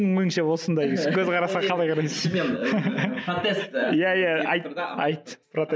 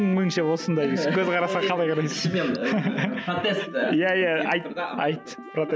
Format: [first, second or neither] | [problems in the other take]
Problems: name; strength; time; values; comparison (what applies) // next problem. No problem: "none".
first | background sound (Trumpet + Liquid); 15 dB below the speech